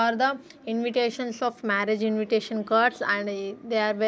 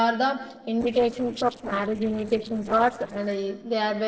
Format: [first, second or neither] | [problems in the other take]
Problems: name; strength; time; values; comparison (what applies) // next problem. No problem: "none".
first | noise reduction (neural separator model SepFormer DNS4)